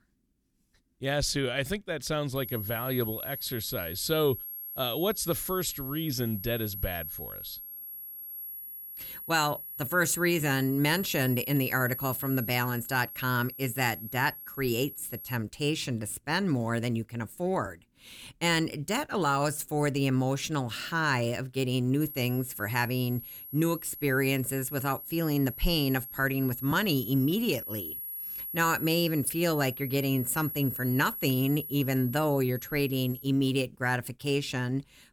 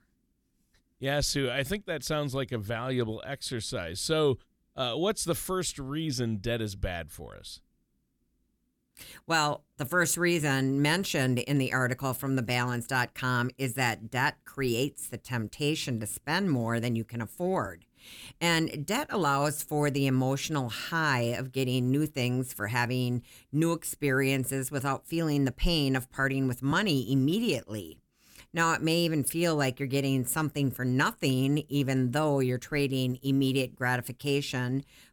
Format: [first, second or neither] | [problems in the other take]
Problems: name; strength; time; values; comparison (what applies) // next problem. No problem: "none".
second | high-pitched whine; loud; from 2.5 to 15 s and from 22 to 33 s; 11.5 kHz, 8 dB below the speech